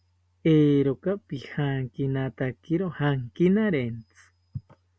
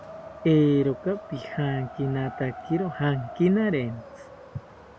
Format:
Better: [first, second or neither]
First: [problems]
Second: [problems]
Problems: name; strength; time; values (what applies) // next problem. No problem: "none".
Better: first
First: none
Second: background sound (Wind); 15 dB below the speech